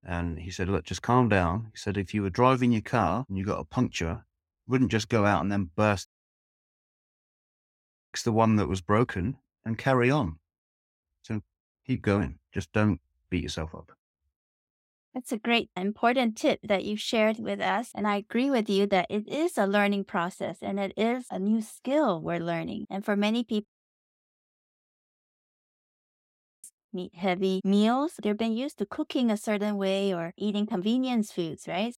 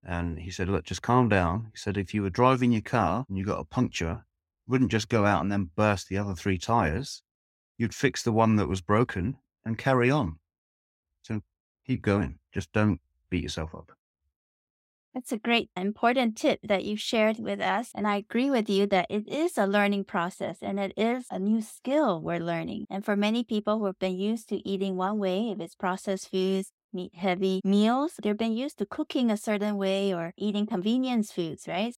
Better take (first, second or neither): second